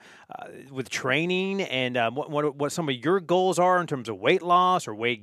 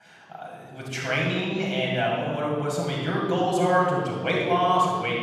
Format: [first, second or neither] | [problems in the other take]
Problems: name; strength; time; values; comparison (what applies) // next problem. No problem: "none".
first | off-mic speech; far // room echo; strong; dies away in 2.4 s